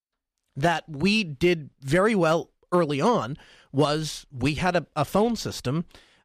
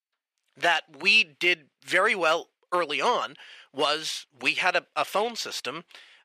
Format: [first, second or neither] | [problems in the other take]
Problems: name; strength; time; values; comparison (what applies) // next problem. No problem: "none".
first | thin; very; fading below 500 Hz